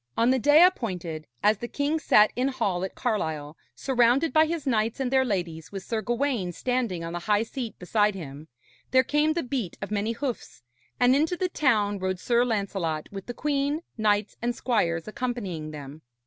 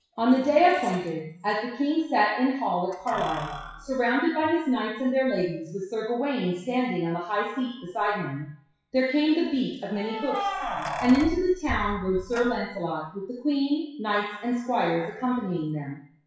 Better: first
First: none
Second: noise reduction (classical method WPE with log-MMSE)

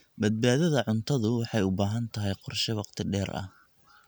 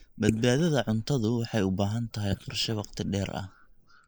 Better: first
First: none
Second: noise reduction (neural mask model Resemble Enhance denoiser)

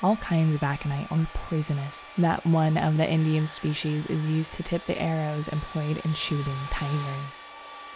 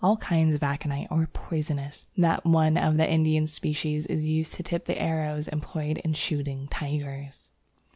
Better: second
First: background sound (Domestic sounds, home sounds); 16 dB below the speech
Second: none

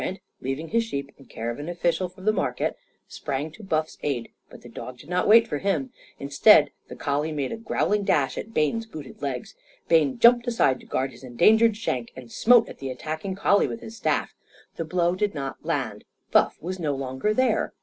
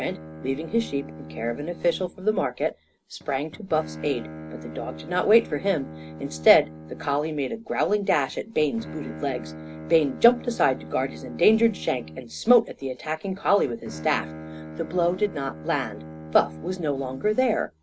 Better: first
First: none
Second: background sound (Bowed string instrument); 14 dB below the speech

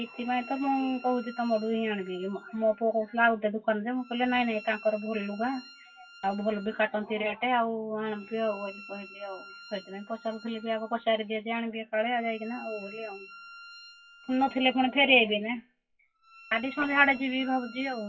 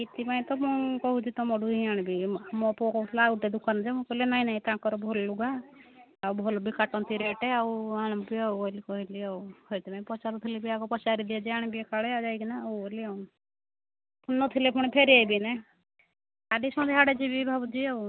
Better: second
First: noise reduction (classical method WPE with log-MMSE)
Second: none

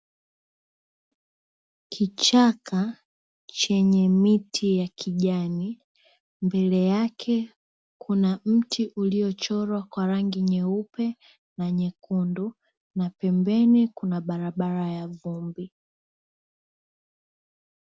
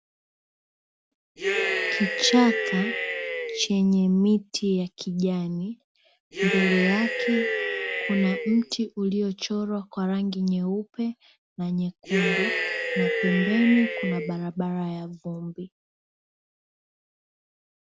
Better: first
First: none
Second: background sound (Cheering); 1 dB below the speech

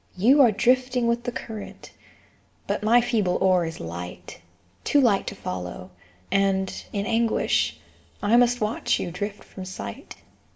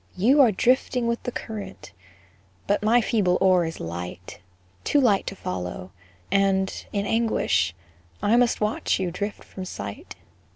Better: second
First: room echo; dies away in 0.4 s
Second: none

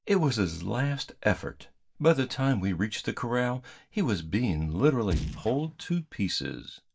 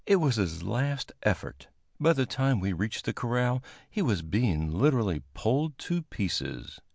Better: second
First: noise reduction (neural mask model DeepFilterNet 3)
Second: none

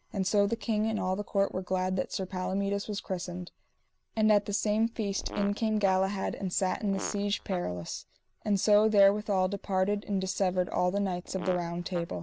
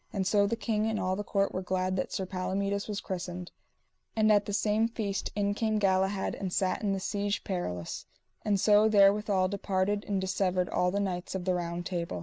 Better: second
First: background sound (Fart); 16 dB below the speech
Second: none

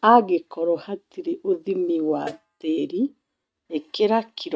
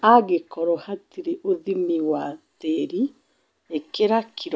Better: second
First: noise reduction (neural mask model RNNoise)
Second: none

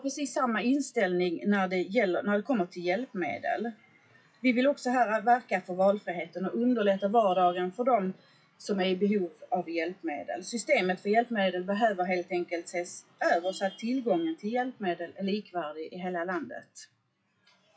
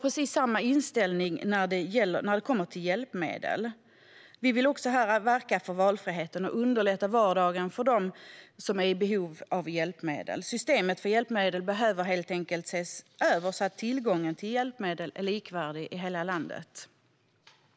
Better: second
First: noise reduction (classical method WPE with log-MMSE)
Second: none

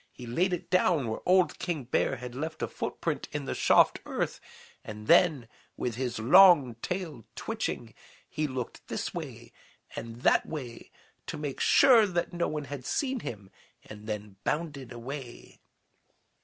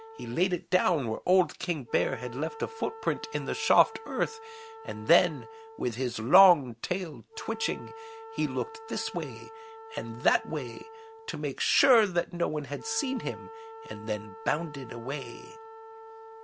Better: first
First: none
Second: background sound (Wind instrument, woodwind instrument); 16 dB below the speech

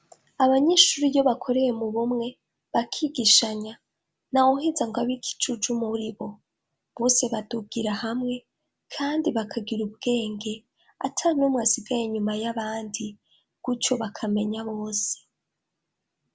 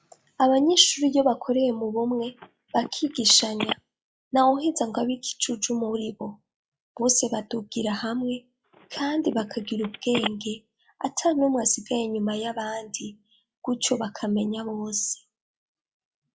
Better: first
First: none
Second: noise reduction (classical method log-MMSE)

